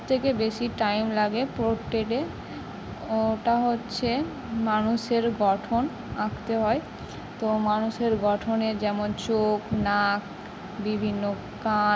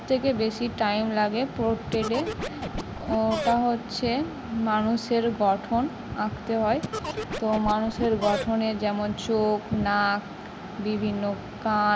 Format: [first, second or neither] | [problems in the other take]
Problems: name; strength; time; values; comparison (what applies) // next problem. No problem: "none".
first | background sound (Scratching (performance technique)); 7 dB below the speech